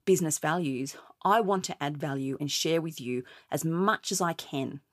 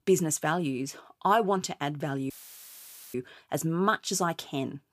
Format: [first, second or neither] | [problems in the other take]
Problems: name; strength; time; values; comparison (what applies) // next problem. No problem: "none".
first | audio cutting out; filled with static; at 2.5 s for 1 s